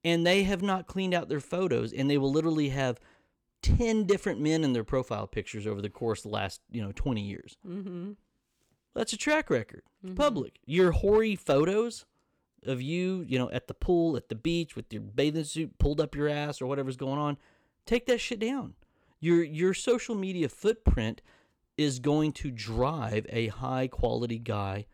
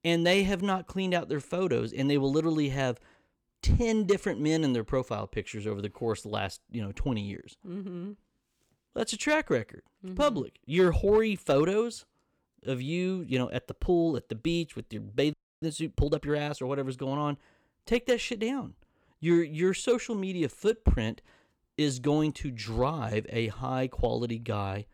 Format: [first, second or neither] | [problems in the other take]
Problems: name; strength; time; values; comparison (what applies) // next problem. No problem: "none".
first | audio freezing; at 15 s